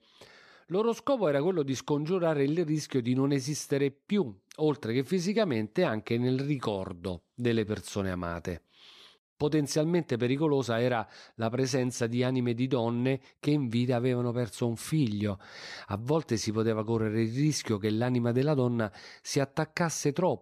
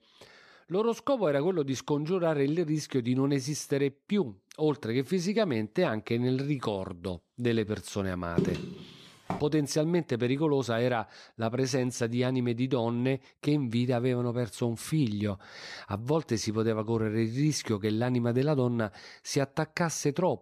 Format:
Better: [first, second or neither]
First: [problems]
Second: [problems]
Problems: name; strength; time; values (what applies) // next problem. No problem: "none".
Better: first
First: none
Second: footsteps; noticeable; from 8.5 to 9.5 s; peak 1 dB below the speech